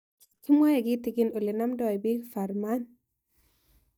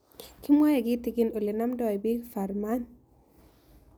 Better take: second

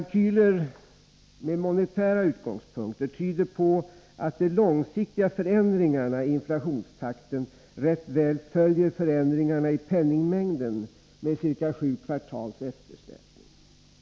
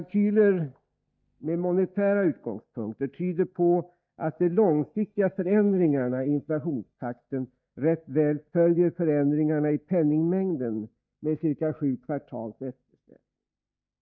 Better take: first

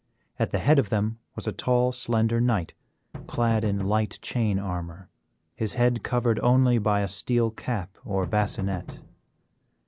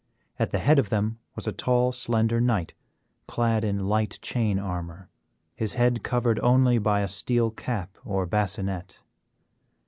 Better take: second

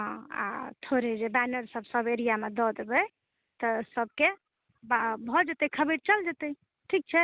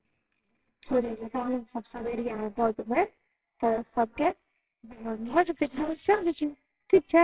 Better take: first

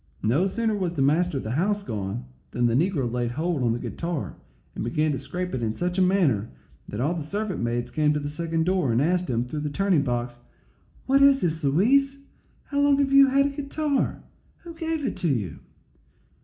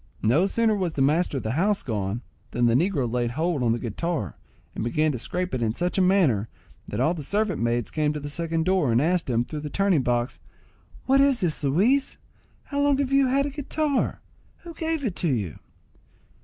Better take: second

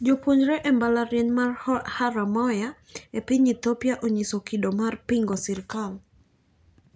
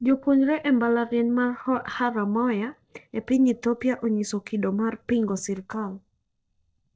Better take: first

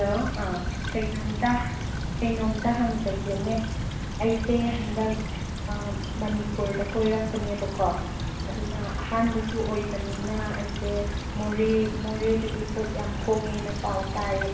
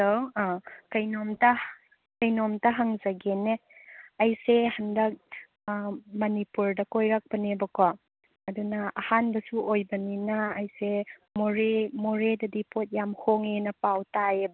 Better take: second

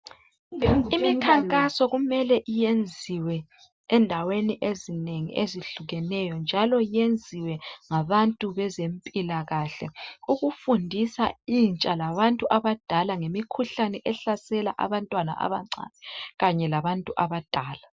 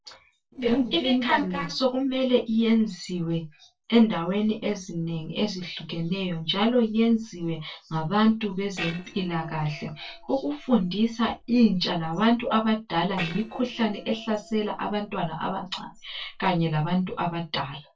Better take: first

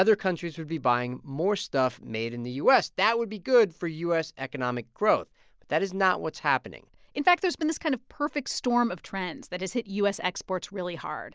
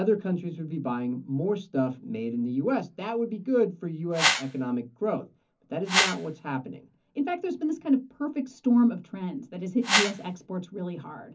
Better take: first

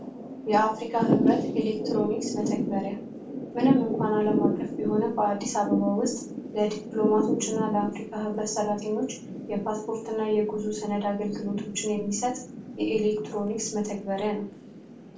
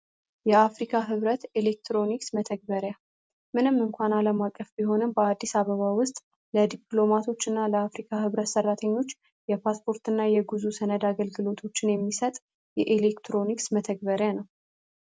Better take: second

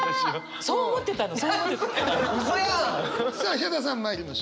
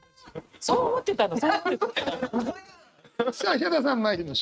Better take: first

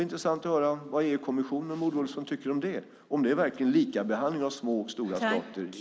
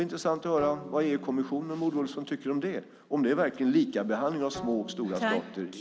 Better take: first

